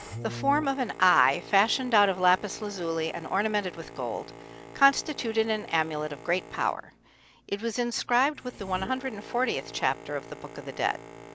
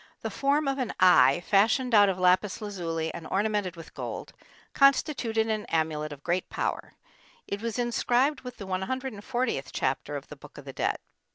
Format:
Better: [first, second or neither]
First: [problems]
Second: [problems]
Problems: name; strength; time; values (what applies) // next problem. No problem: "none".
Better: second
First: background sound (Boat, Water vehicle); 16 dB below the speech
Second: none